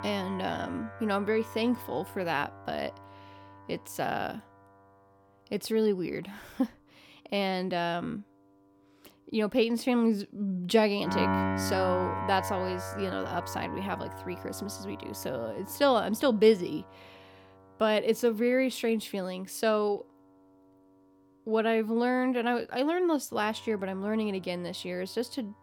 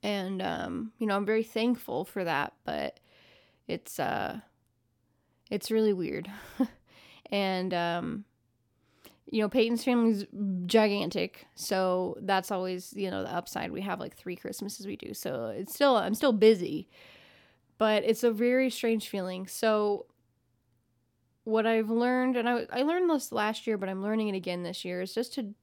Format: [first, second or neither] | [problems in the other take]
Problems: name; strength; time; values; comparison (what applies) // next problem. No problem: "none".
second | background music; loud; throughout; 8 dB below the speech